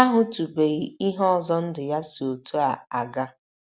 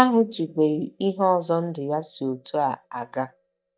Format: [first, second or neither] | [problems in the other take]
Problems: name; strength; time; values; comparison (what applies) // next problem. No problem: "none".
first | noise reduction (neural mask model DeepFilterNet 3)